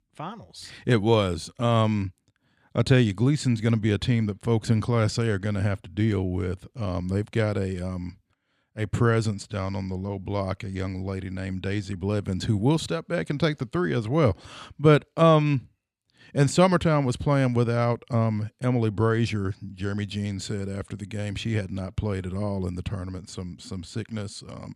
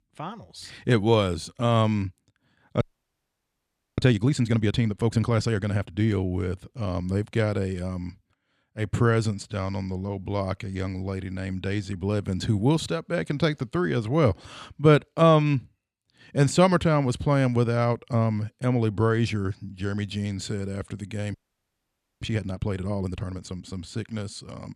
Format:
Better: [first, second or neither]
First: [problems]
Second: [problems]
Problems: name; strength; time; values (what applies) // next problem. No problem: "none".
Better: first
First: none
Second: audio freezing; at 3 s for 1 s and at 21 s for 1 s